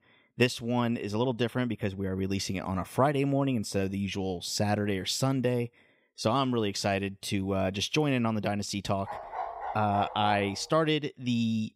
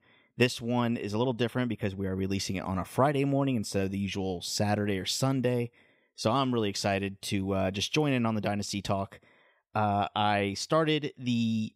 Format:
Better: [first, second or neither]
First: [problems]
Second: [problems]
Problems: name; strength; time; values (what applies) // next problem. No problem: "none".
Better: second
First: dog barking; noticeable; from 9 to 11 s; peak 7 dB below the speech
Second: none